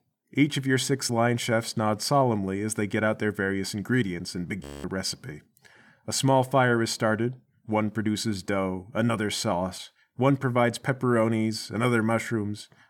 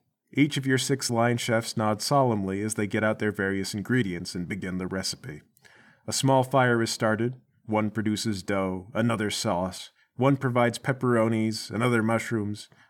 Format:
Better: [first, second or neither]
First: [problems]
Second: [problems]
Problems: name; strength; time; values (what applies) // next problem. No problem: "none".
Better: second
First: audio freezing; at 4.5 s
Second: none